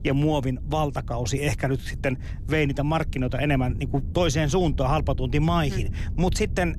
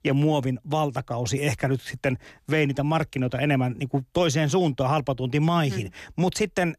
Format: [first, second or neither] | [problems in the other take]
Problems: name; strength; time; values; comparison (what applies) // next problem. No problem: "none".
second | low rumble; faint; throughout; 20 dB below the speech